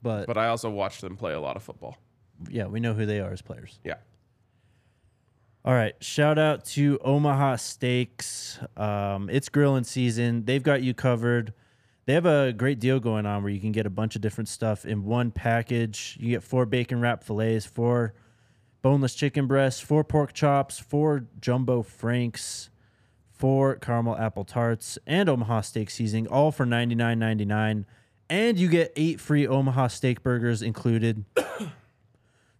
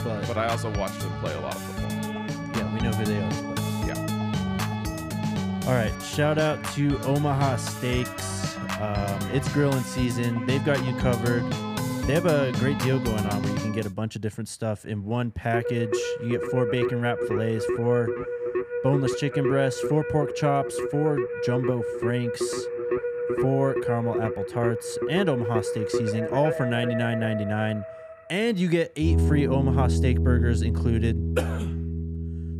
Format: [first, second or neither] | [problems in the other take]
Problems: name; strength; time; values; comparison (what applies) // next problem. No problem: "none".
first | background music; loud; throughout; 2 dB below the speech